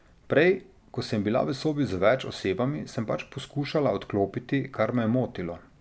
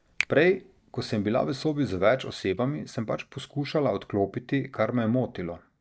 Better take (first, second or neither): first